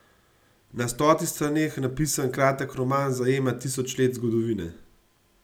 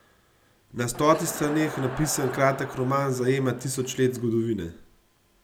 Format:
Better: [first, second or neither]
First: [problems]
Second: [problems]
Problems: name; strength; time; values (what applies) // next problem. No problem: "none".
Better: first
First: none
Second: background sound (Crowd); 12 dB below the speech